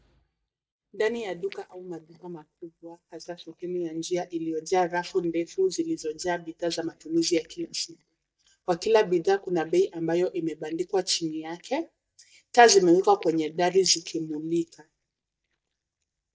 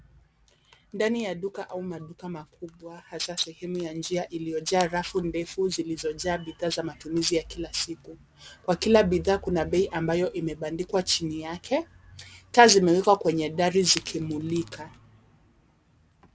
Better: second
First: noise reduction (neural mask model DeepFilterNet 3)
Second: none

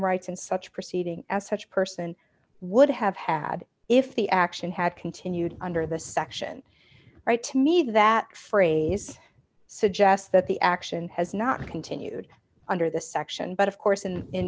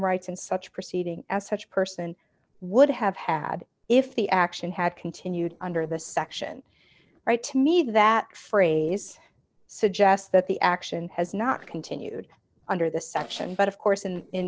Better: first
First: none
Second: noise reduction (neural separator model SepFormer DNS4)

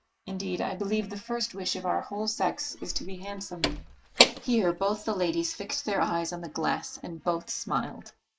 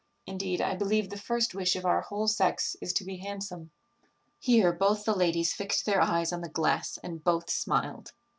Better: second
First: noise reduction (neural mask model Resemble Enhance denoiser)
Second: none

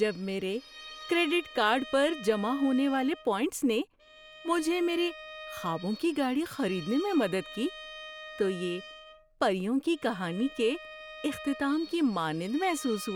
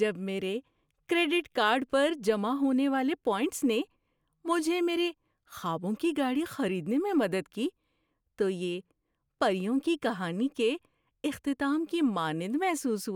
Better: second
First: background sound (Bowed string instrument); 16 dB below the speech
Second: none

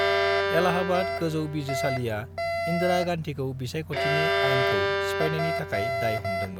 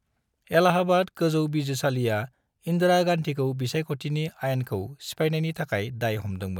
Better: second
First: background sound (Bowed string instrument + Alarm); 2 dB above the speech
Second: none

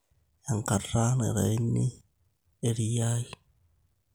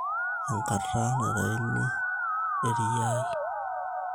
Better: first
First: none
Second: background sound (Musical instrument); 2 dB above the speech

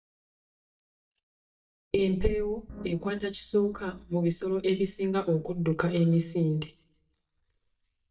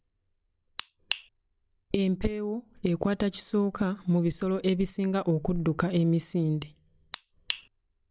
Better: second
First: noise reduction (neural mask model DeepFilterNet 3)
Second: none

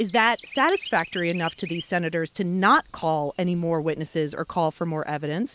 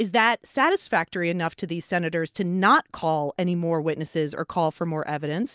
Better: second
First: noise reduction (neural mask model Resemble Enhance denoiser)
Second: none

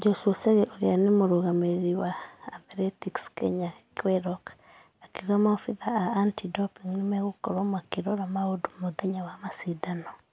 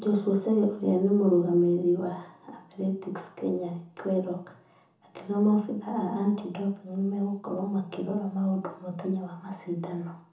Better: first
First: none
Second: room echo; dies away in 0.6 s

